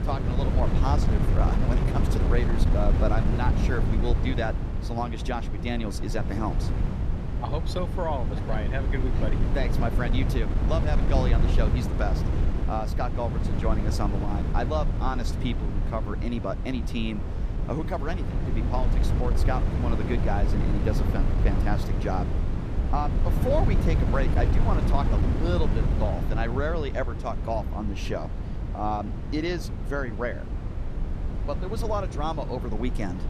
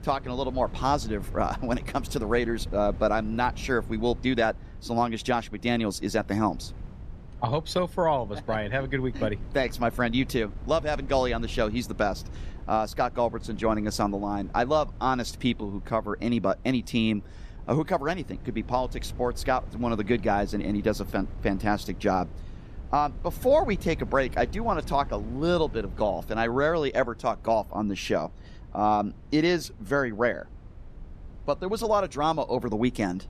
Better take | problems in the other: second | wind noise on the microphone; heavy; 5 dB below the speech; occasional gusts in the second

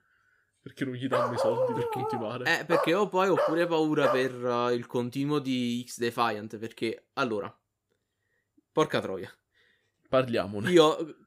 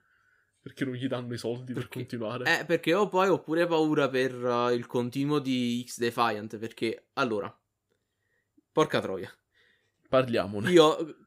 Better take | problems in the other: second | dog barking; loud; from 1 to 4 s; peak 1 dB above the speech

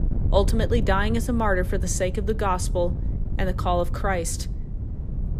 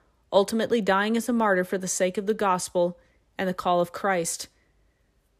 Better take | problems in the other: second | wind noise on the microphone; occasional gusts; 15 dB below the speech

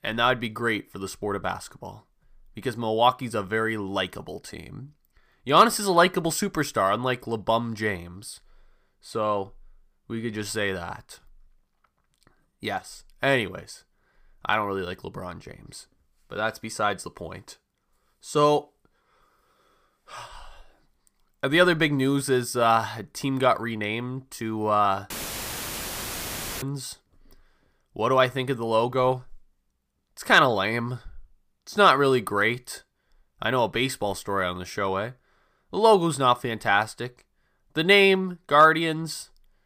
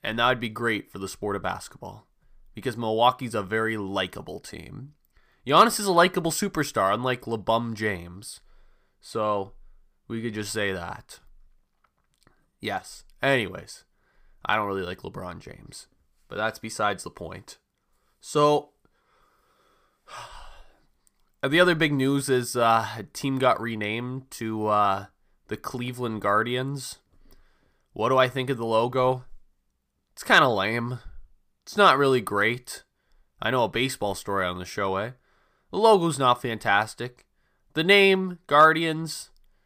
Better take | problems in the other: second | audio cutting out; filled with static; at 25 s for 1.5 s

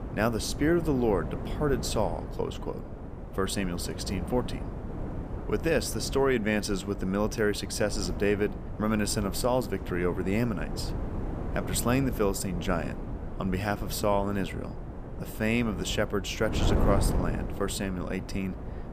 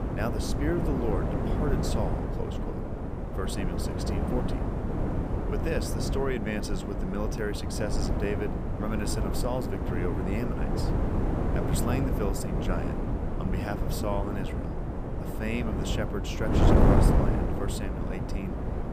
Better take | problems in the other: first | wind noise on the microphone; heavy; 1 dB above the speech; occasional gusts in the first

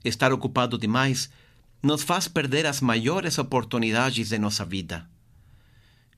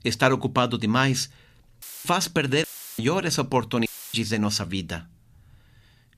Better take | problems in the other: first | audio cutting out; filled with static; at 2 s, at 2.5 s and at 4 s

